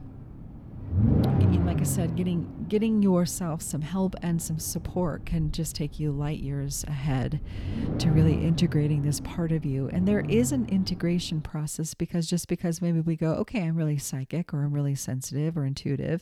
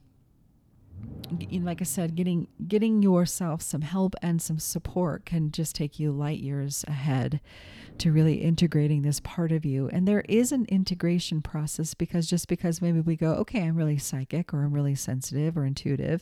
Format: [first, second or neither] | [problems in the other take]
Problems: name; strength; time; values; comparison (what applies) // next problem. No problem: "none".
second | low rumble; loud; until 11 s; 5 dB below the speech; faint in the second